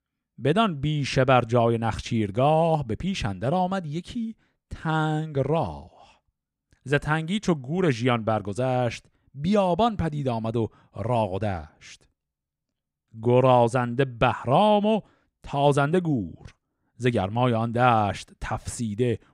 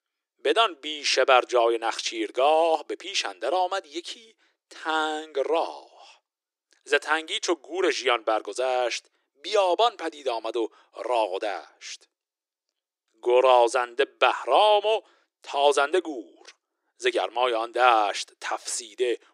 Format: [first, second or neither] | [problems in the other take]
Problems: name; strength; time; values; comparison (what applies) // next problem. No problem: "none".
first | thin; very; fading below 350 Hz